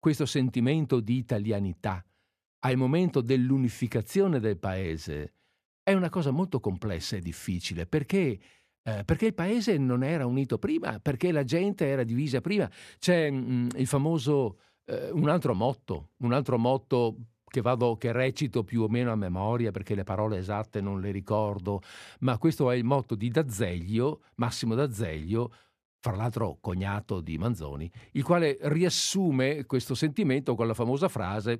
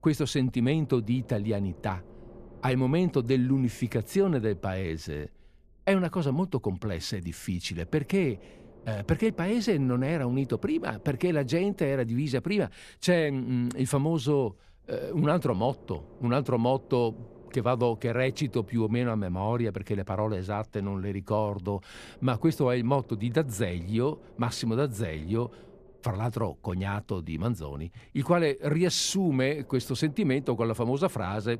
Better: first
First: none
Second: low rumble; faint; throughout; 25 dB below the speech

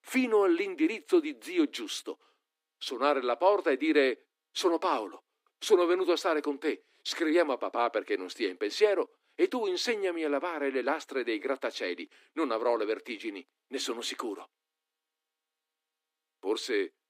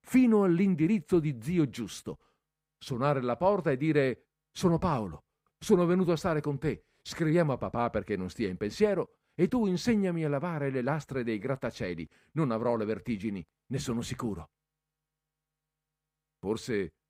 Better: second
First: thin; somewhat; fading below 250 Hz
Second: none

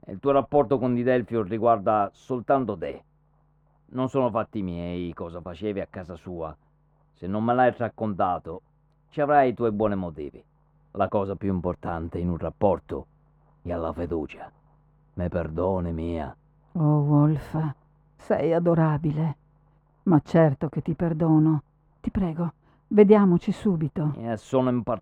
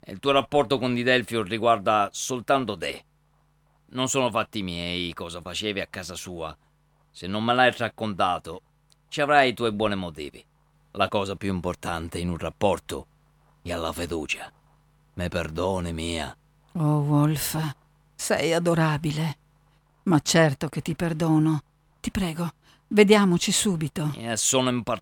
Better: second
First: muffled; very; fading above 2.5 kHz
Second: none

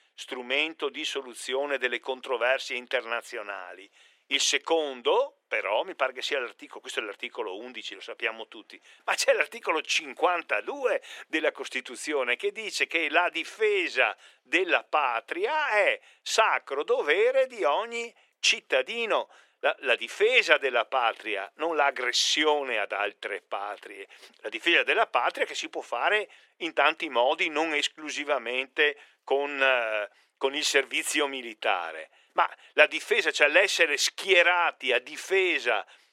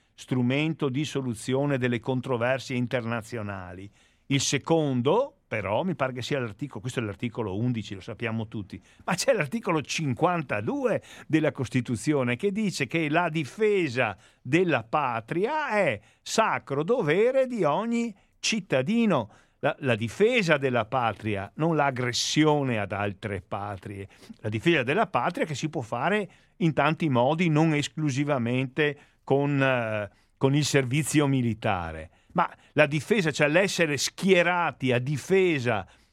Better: second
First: thin; very; fading below 400 Hz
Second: none

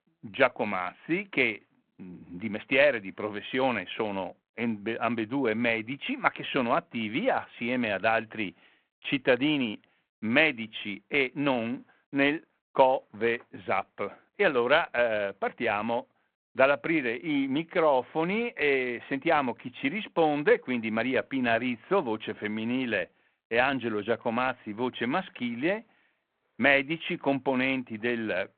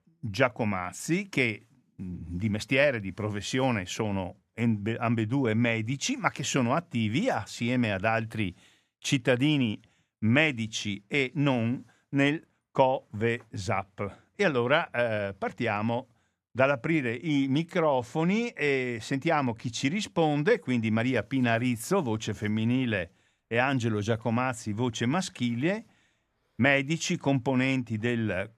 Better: second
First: phone-call audio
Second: none

